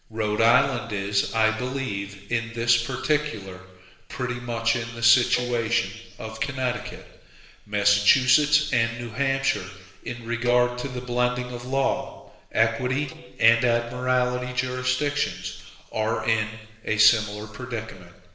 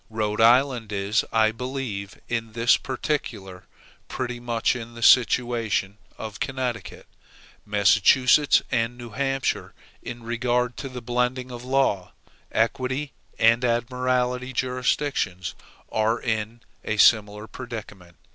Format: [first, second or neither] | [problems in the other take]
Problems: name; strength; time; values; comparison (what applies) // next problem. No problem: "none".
second | noise reduction (neural separator model SepFormer DNS4)